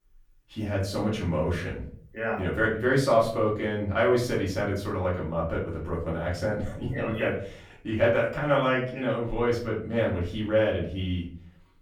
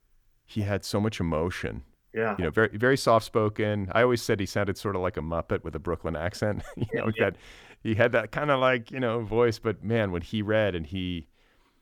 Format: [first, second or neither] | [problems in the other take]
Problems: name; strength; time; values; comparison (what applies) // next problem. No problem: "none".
second | off-mic speech; far // room echo; slight; dies away in 0.5 s